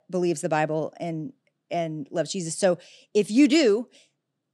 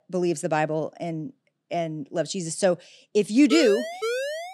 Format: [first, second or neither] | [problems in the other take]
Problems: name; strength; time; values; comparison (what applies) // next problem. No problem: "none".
first | siren; noticeable; from 3.5 s on; peak 3 dB below the speech